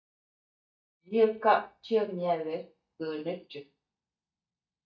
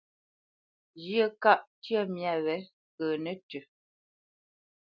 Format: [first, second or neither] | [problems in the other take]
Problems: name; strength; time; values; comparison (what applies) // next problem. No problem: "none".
second | noise reduction (neural mask model DeepFilterNet 3)